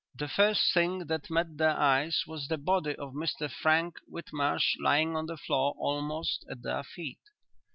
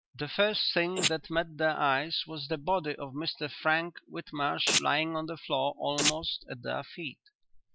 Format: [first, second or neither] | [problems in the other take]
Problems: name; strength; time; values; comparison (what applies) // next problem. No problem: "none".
first | noise reduction (neural mask model Resemble Enhance denoiser)